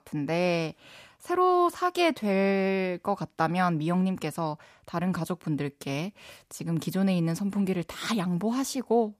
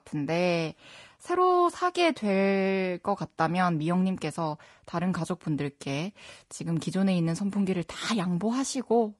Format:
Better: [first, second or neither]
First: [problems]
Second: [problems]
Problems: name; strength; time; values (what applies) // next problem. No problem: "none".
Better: first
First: none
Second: garbled, watery; slightly; nothing above 10.5 kHz